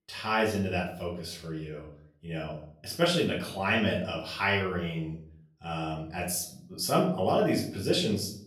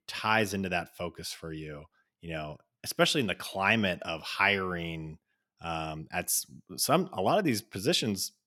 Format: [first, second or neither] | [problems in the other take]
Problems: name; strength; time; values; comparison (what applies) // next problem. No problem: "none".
second | off-mic speech; far // room echo; slight; dies away in 0.5 s